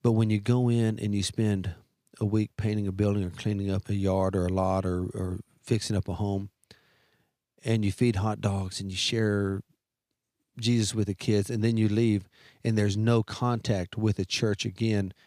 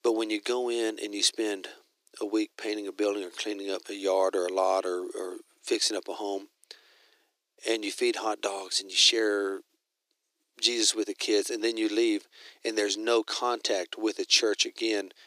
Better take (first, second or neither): first